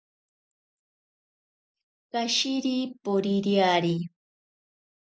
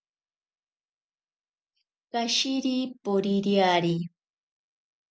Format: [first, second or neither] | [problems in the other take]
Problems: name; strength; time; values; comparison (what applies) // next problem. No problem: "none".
second | noise reduction (neural mask model Resemble Enhance denoiser)